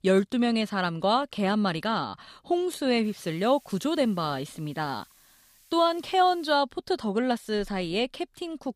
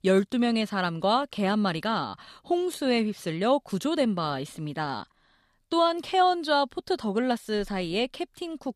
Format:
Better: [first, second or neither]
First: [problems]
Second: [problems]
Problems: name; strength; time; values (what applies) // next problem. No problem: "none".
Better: second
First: hiss; faint; from 3 to 6.5 s; 30 dB below the speech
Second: none